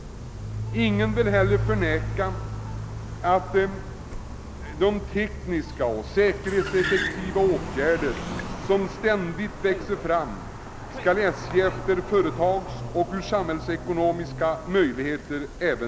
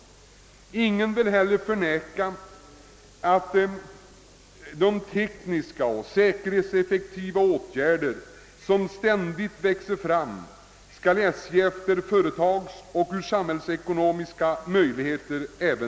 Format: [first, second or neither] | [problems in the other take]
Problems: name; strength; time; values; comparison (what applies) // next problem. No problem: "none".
second | background sound (Car); 7 dB below the speech